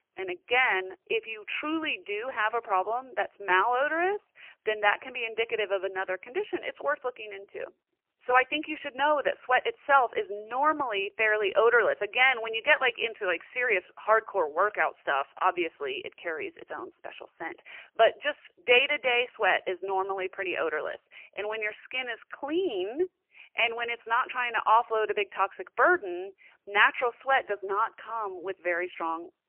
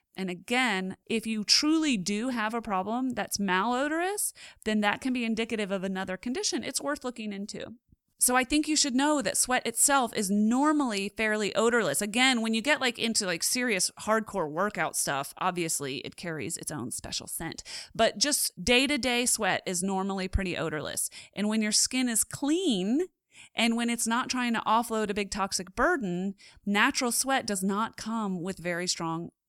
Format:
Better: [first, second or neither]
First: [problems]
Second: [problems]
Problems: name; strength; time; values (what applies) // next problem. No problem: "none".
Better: second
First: phone-call audio; poor line; nothing above 3 kHz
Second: none